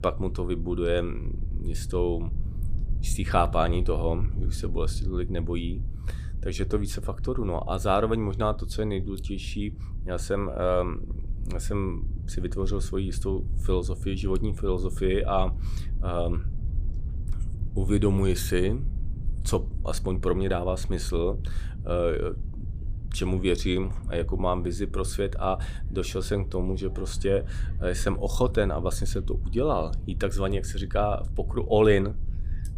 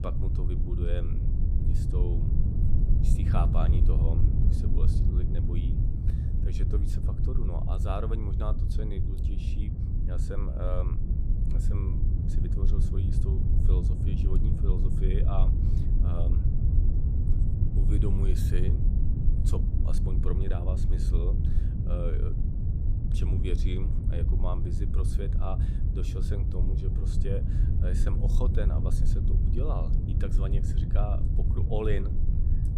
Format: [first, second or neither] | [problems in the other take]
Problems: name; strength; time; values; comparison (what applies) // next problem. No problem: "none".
first | low rumble; loud; throughout; 2 dB below the speech; faint in the first